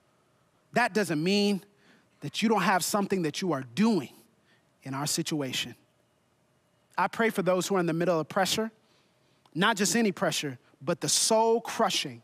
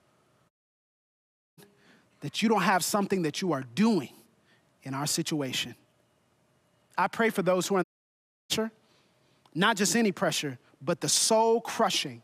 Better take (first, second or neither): first